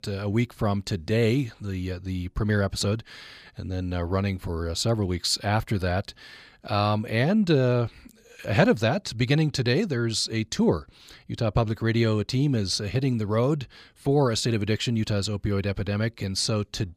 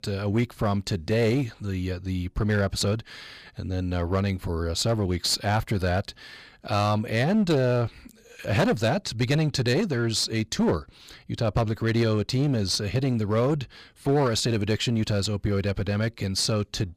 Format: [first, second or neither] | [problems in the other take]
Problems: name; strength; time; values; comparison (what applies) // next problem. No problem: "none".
first | distortion; slight; 9% of the sound clipped